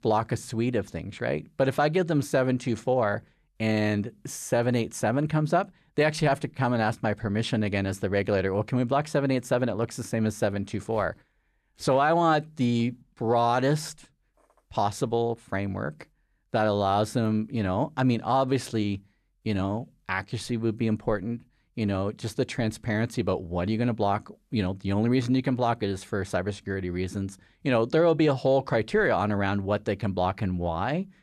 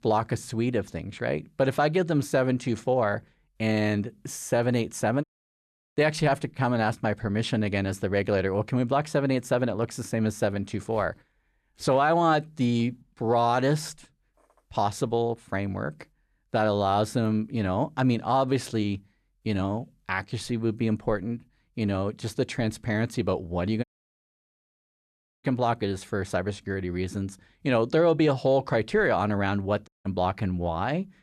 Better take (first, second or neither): first